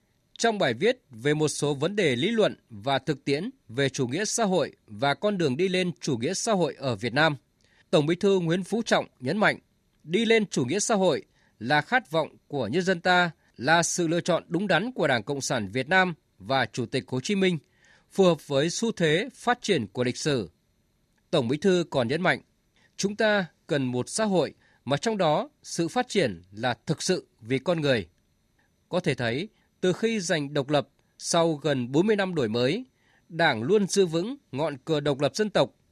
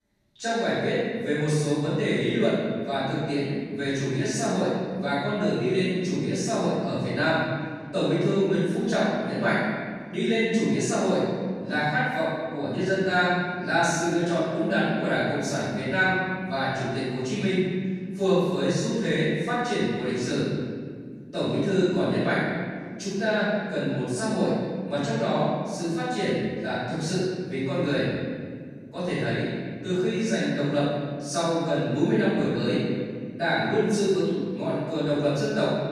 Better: first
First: none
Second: off-mic speech; far // room echo; strong; dies away in 1.9 s

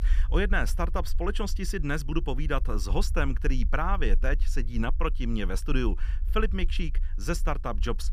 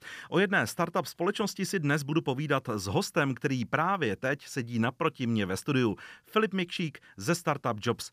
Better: second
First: low rumble; faint; throughout; 25 dB below the speech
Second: none

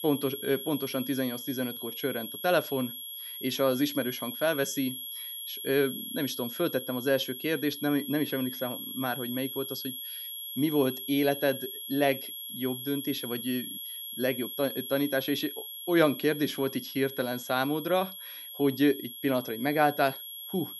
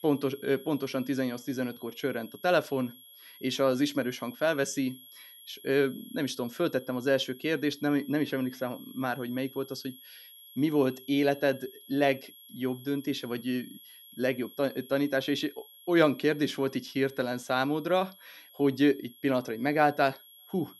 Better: second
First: high-pitched whine; loud; throughout; 3.5 kHz, 7 dB below the speech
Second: high-pitched whine; faint; throughout; 3.5 kHz, 20 dB below the speech

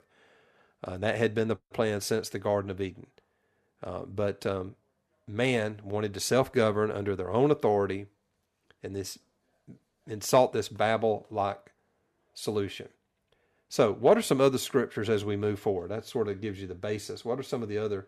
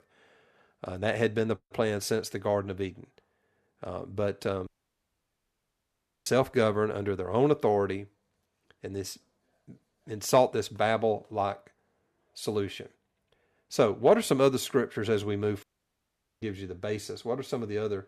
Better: first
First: none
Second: audio cutting out; at 4.5 s for 1.5 s and at 16 s for 1 s

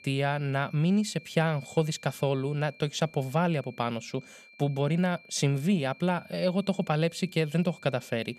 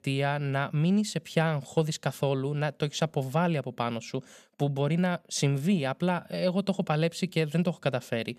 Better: second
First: high-pitched whine; faint; throughout; 2.5 kHz, 25 dB below the speech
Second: none

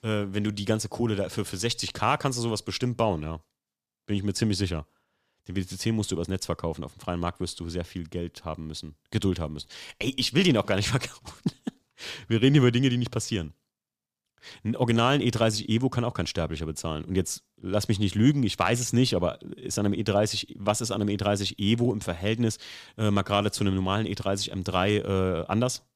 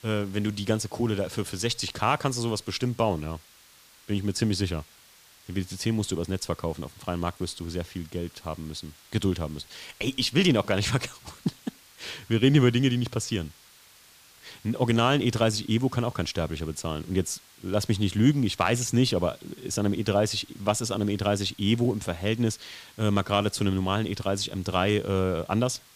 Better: first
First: none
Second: hiss; faint; throughout; 25 dB below the speech

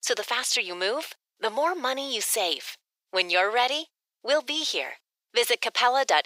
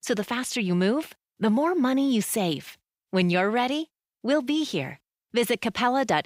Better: second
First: thin; very; fading below 450 Hz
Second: none

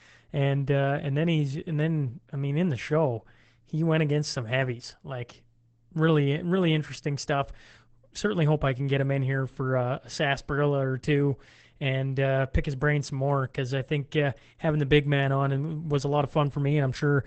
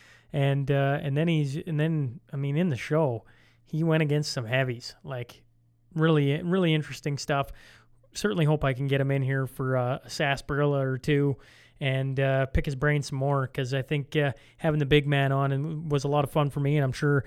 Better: second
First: garbled, watery; badly; nothing above 8 kHz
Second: none

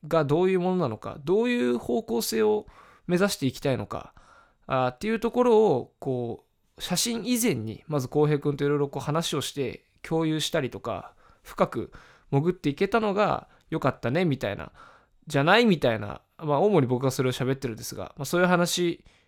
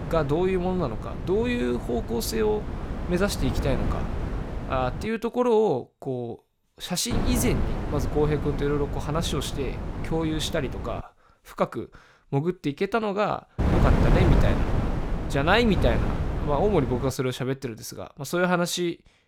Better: first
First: none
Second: wind noise on the microphone; heavy; until 5 s, from 7 to 11 s and from 14 to 17 s; 7 dB below the speech

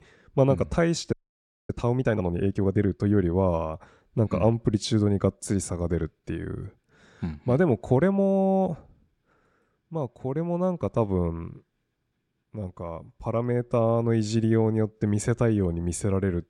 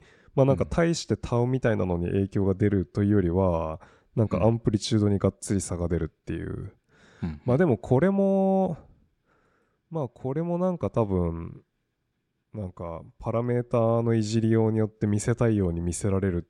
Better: second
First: audio freezing; at 1 s for 0.5 s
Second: none

